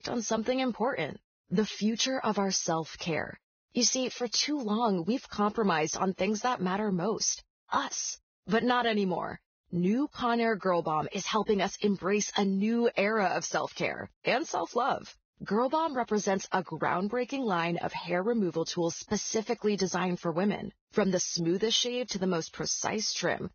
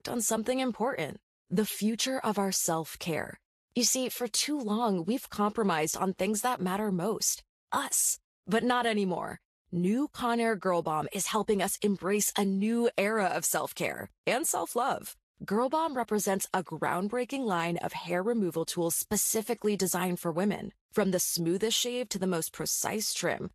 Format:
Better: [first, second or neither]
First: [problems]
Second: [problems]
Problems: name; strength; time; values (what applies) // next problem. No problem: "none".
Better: second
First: garbled, watery; badly; nothing above 6.5 kHz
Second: garbled, watery; slightly; nothing above 12.5 kHz